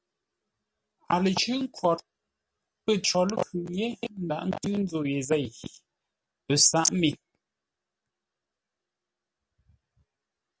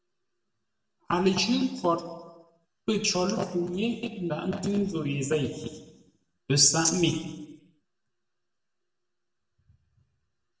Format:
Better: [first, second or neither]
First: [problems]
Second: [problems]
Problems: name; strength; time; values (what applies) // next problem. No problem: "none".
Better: first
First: none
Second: room echo; dies away in 1 s